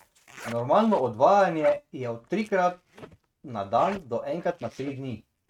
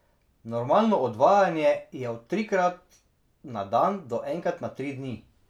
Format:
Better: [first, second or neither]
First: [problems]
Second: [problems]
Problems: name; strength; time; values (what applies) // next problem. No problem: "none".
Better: second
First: noise reduction (neural mask model RNNoise)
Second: none